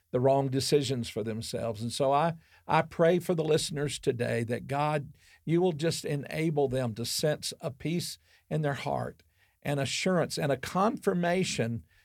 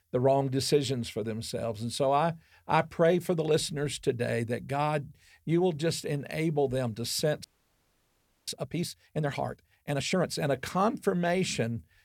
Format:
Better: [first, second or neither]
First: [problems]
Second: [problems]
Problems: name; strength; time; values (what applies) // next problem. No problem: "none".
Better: first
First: none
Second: audio freezing; at 7.5 s for 1 s